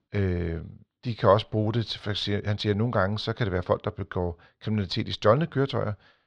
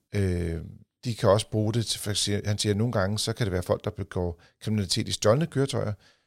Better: second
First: muffled; slightly; fading above 4 kHz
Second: none

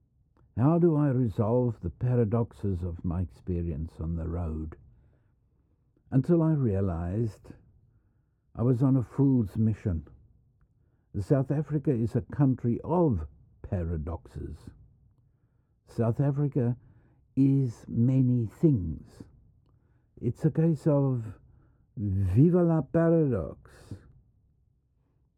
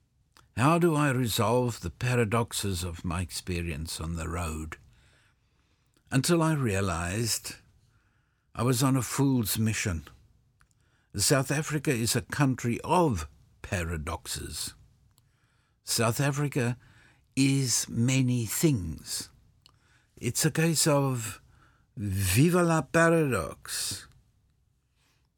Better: second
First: muffled; very; fading above 1.5 kHz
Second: none

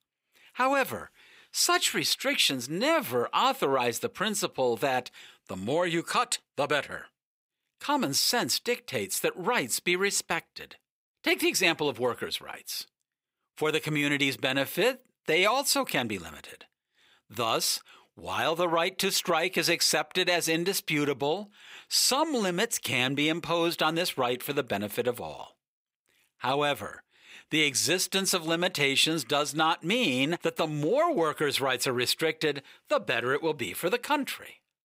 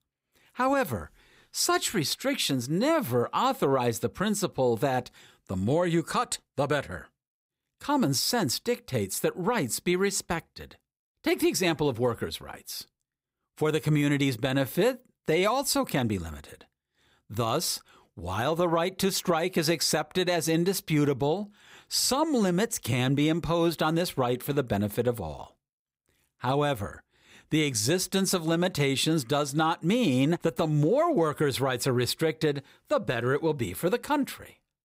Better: second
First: thin; very slightly; fading below 450 Hz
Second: none

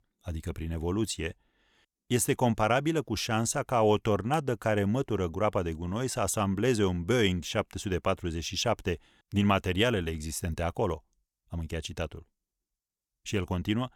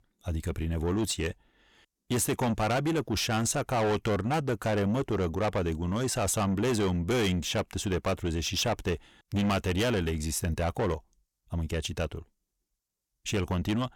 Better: first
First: none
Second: distortion; heavy; 8 dB below the speech

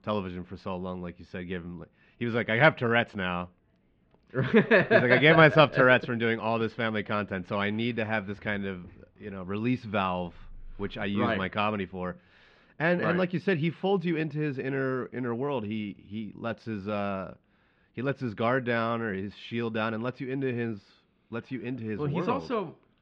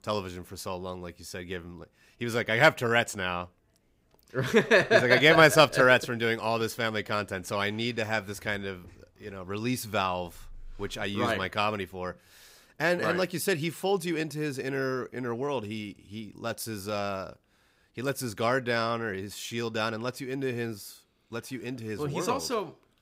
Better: second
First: muffled; slightly; fading above 3.5 kHz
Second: none

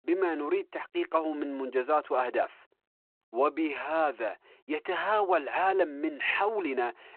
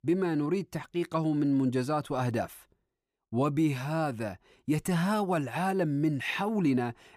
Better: second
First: phone-call audio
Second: none

